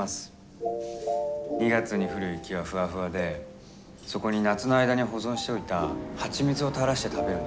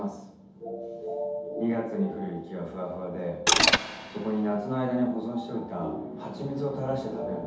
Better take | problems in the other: first | background sound (Mechanisms); 4 dB above the speech // room echo; dies away in 0.8 s

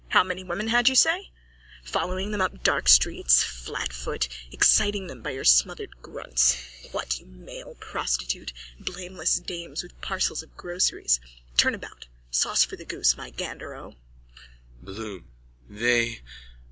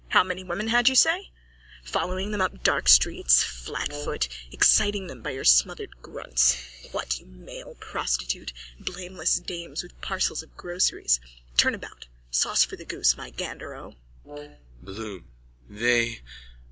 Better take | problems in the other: first | background sound (Brass instrument); 16 dB below the speech

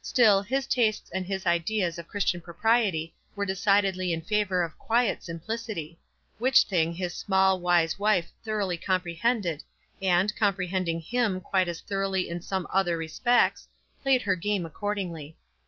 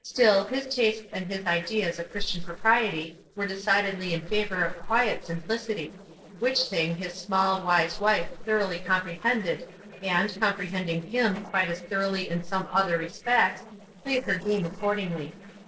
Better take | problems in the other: first | noise reduction (neural separator model SepFormer DNS4)

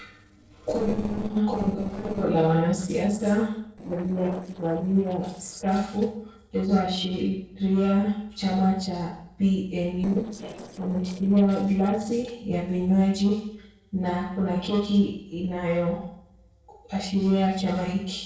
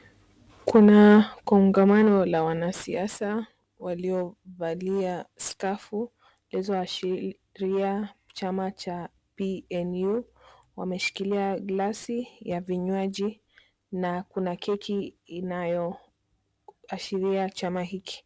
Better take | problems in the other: second | noise reduction (neural separator model SepFormer DNS4)

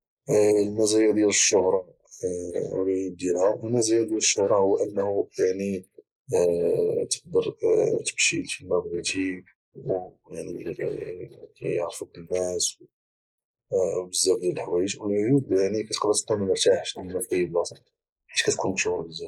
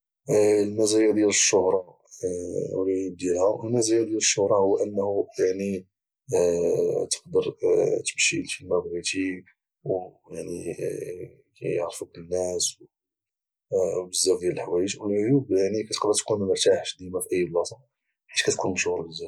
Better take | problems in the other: second | noise reduction (neural mask model Resemble Enhance denoiser)

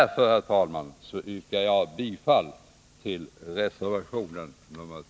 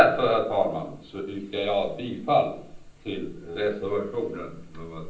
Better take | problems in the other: first | background sound (Gull, seagull / Fowl); 17 dB below the speech // room echo; dies away in 0.6 s

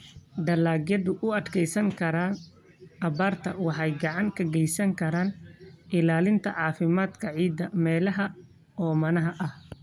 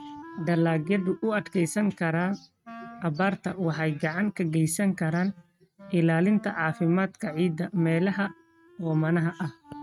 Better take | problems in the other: first | noise reduction (neural mask model RNNoise)

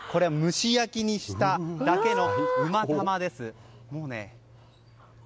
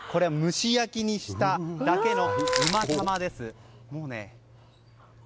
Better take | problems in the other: first | background sound (Crushing); 5 dB below the speech

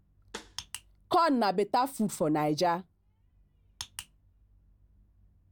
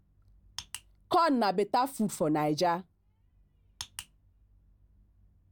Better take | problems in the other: second | background sound (Snare drum); 16 dB below the speech

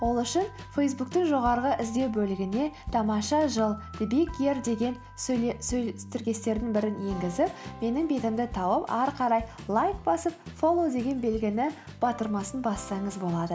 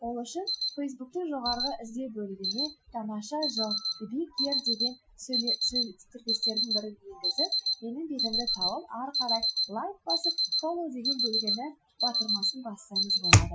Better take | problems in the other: first | noise reduction (classical method Wiener filter)

